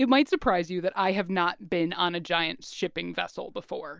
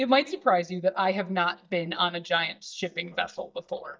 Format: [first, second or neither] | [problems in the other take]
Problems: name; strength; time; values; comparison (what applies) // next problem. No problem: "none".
first | noise reduction (neural mask model DeepFilterNet 3)